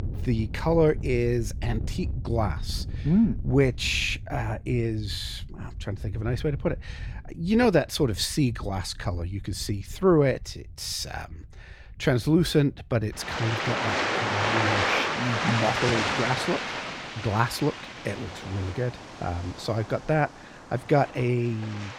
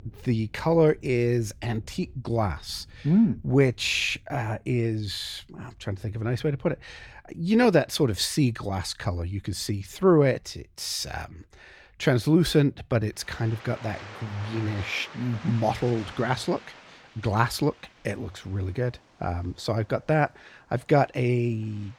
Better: second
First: rain or running water; loud; throughout; 4 dB below the speech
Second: rain or running water; faint; throughout; 20 dB below the speech

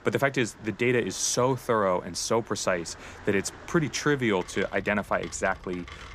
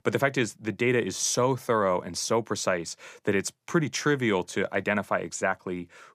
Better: second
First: rain or running water; noticeable; throughout; 20 dB below the speech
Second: none

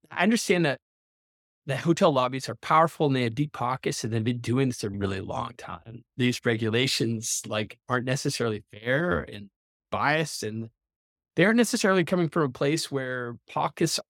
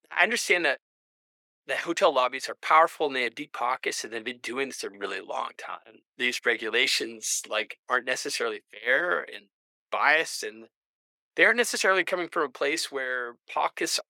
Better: first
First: none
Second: thin; very; fading below 400 Hz

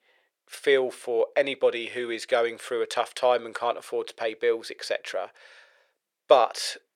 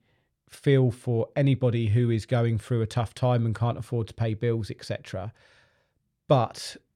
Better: second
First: thin; very; fading below 450 Hz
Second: none

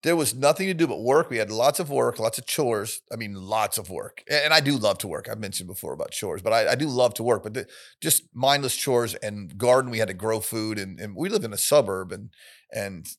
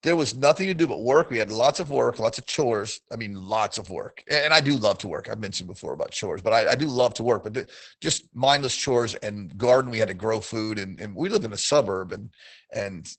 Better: first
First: none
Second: garbled, watery; badly; nothing above 8 kHz

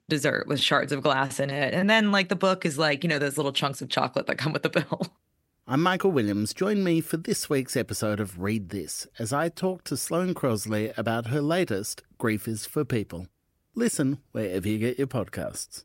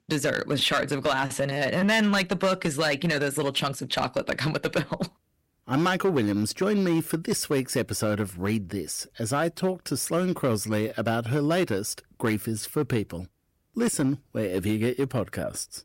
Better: first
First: none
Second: distortion; slight; 5% of the sound clipped

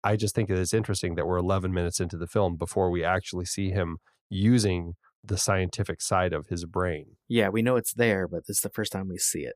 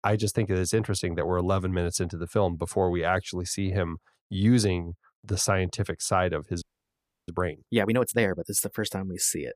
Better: first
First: none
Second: audio freezing; at 6.5 s for 0.5 s

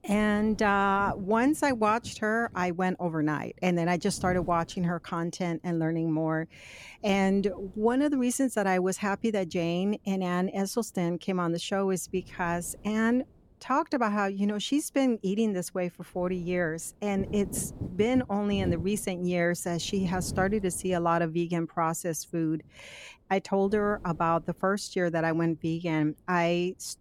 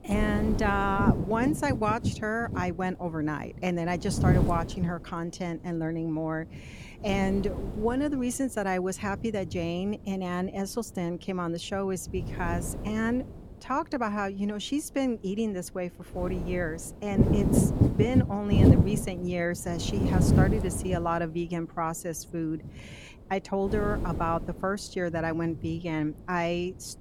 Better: first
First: wind noise on the microphone; occasional gusts; 20 dB below the speech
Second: wind noise on the microphone; heavy; 4 dB below the speech

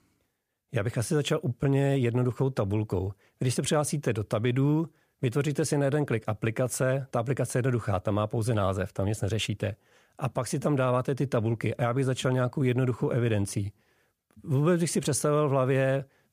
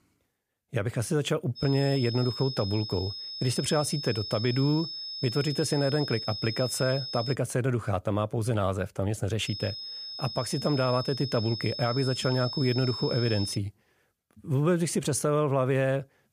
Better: first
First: none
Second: high-pitched whine; loud; from 1.5 to 7.5 s and from 9.5 to 14 s; 5 kHz, 7 dB below the speech

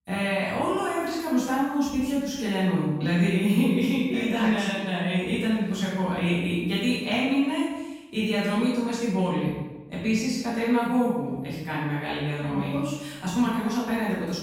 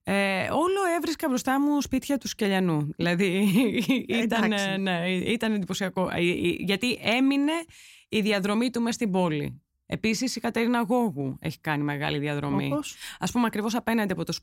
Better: second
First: off-mic speech; far // room echo; strong; dies away in 0.9 s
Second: none

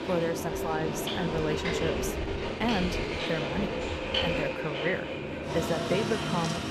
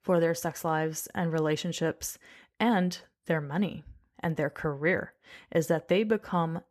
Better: second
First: train or aircraft noise; very loud; throughout; 1 dB above the speech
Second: none

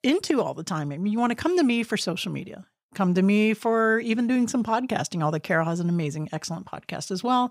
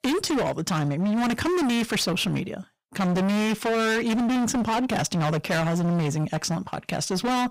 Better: first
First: none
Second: distortion; heavy; 39% of the sound clipped

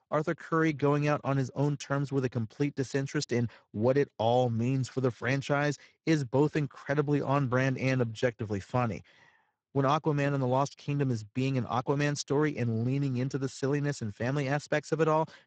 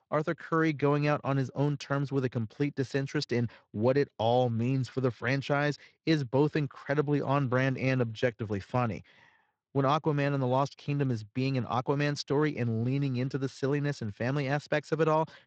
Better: second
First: garbled, watery; badly; nothing above 7.5 kHz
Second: garbled, watery; slightly; nothing above 7.5 kHz

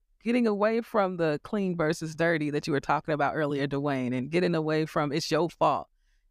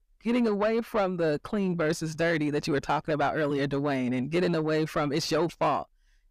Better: first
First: none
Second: distortion; slight; 10 dB below the speech

